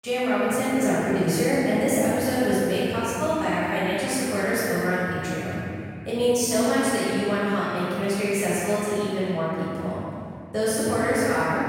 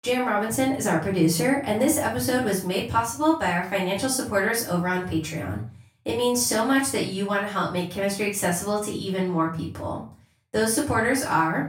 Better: second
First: room echo; strong; dies away in 2.7 s // off-mic speech; far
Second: room echo; slight; dies away in 0.4 s // off-mic speech; far

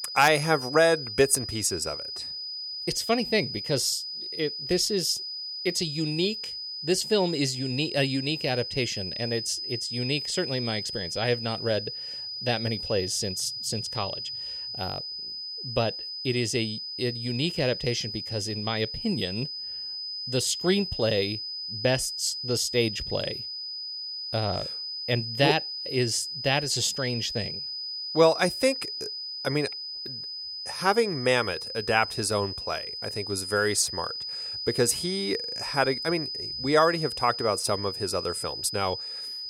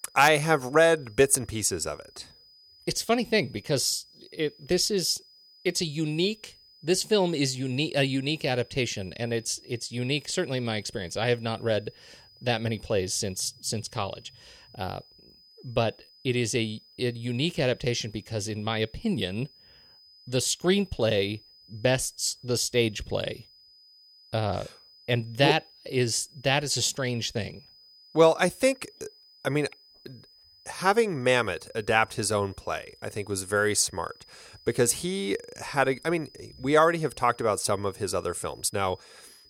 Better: second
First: high-pitched whine; loud; throughout; 5 kHz, 5 dB below the speech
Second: high-pitched whine; faint; throughout; 5 kHz, 25 dB below the speech

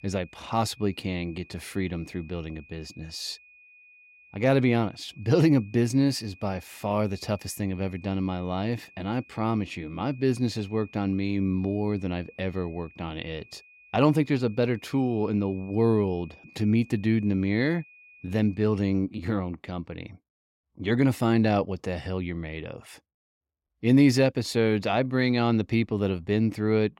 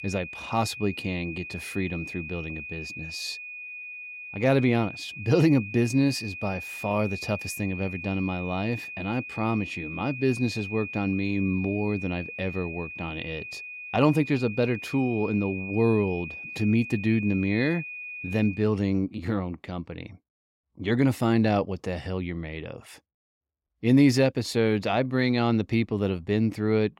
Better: first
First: high-pitched whine; faint; until 19 s; 2.5 kHz, 25 dB below the speech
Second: high-pitched whine; loud; until 19 s; 2.5 kHz, 10 dB below the speech

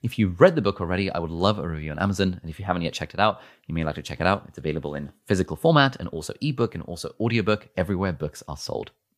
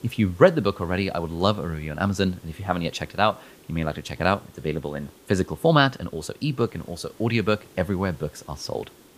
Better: first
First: none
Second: hiss; faint; throughout; 25 dB below the speech

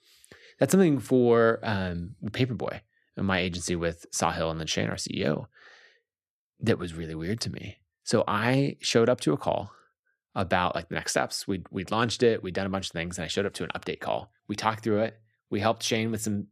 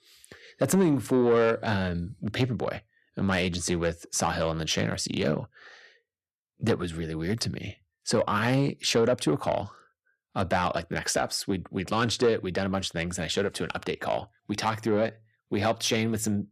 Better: first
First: none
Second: distortion; slight; 10 dB below the speech

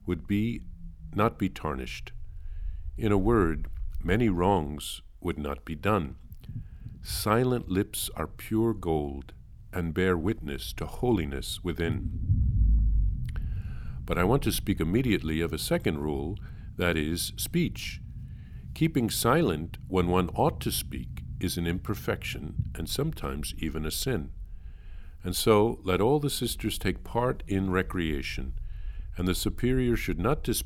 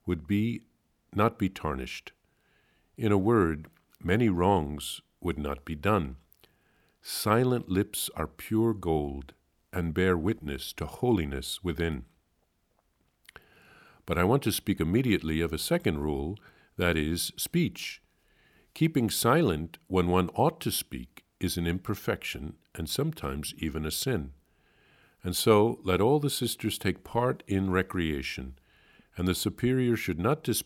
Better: second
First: low rumble; faint; throughout; 25 dB below the speech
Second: none

